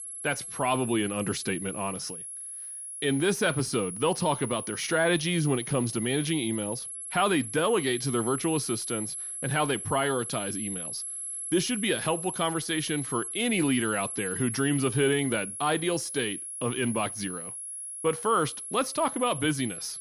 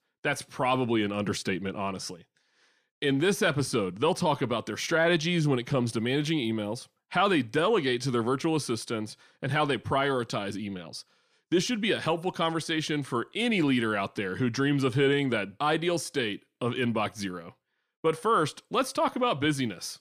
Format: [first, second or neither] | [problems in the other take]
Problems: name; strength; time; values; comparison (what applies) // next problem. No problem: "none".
second | high-pitched whine; loud; throughout; 11 kHz, 6 dB below the speech